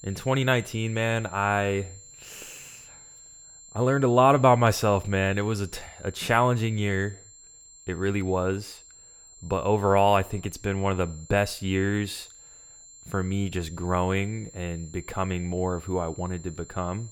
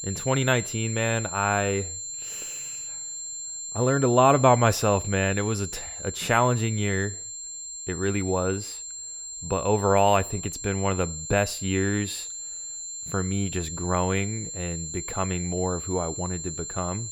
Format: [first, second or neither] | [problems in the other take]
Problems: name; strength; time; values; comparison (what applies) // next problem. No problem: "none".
first | high-pitched whine; loud; throughout; 7.5 kHz, 8 dB below the speech; faint in the first